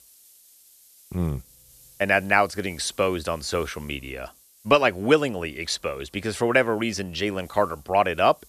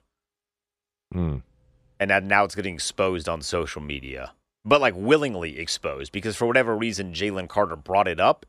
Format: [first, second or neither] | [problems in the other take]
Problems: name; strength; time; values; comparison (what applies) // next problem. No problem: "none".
second | hiss; faint; throughout; 25 dB below the speech